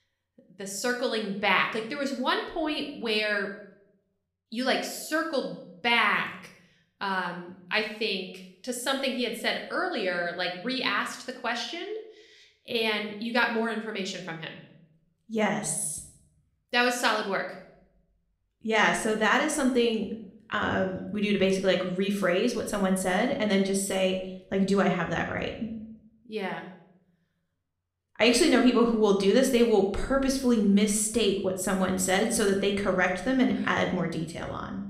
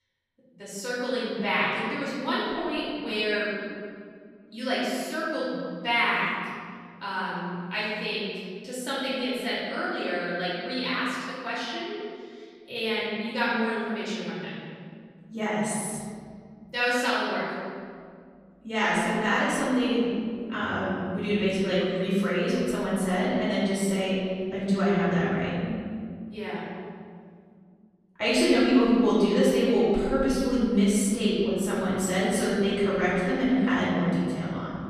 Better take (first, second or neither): first